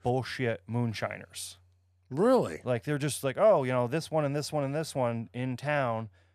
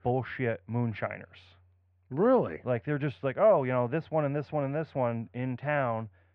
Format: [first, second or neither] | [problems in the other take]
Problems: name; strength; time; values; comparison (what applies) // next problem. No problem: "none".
first | muffled; very; fading above 2.5 kHz